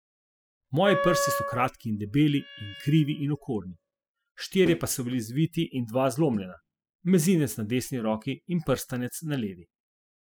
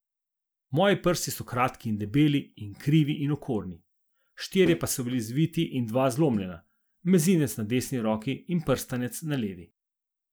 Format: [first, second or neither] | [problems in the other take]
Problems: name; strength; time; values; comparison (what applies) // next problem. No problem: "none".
second | noise reduction (classical method spectral subtraction)